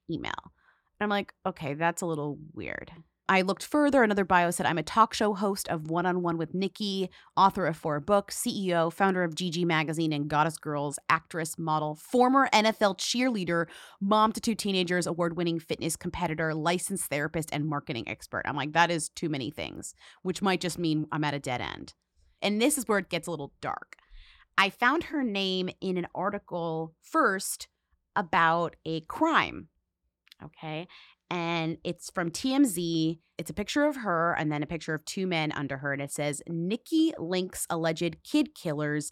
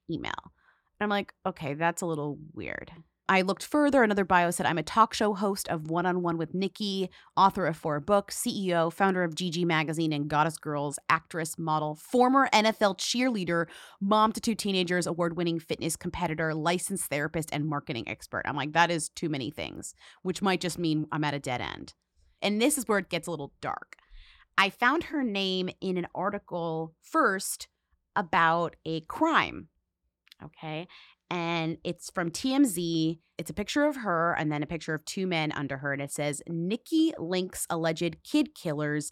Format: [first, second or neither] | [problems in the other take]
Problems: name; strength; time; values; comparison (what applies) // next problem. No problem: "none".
neither | none